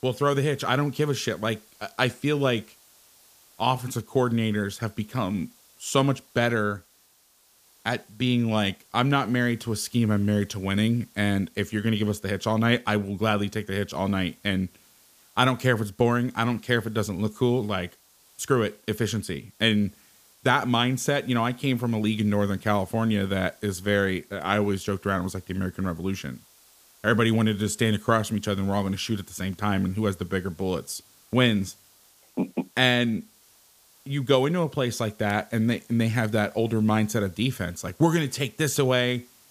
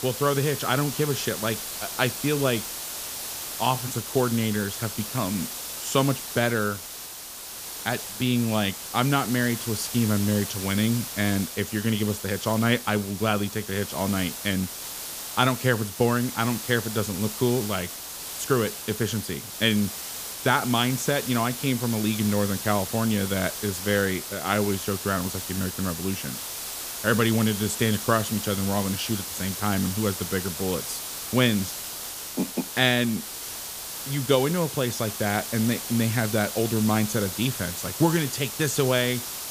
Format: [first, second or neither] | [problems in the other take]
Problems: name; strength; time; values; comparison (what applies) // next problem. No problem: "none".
first | hiss; loud; throughout; 6 dB below the speech; faint in the first